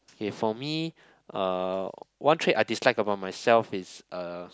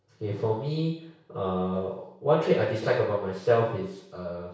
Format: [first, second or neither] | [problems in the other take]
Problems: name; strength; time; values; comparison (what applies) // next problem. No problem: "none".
first | room echo; dies away in 0.6 s